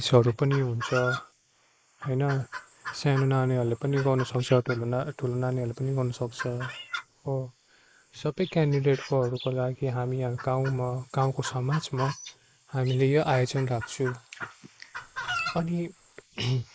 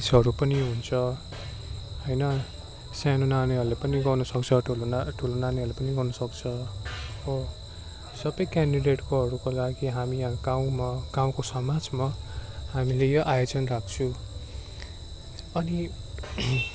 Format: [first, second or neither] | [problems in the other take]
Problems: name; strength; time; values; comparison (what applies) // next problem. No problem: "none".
second | noise reduction (neural mask model Resemble Enhance denoiser)